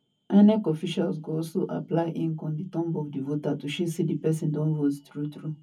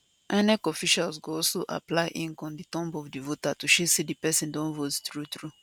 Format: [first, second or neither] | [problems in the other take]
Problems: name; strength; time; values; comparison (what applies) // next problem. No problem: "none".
second | room echo; dies away in 0.3 s